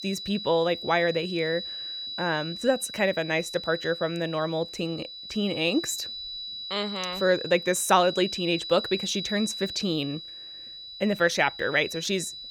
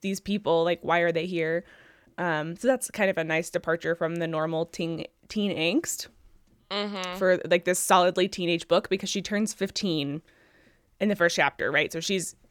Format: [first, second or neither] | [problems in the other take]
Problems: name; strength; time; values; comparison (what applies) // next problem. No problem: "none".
second | high-pitched whine; loud; throughout; 4 kHz, 8 dB below the speech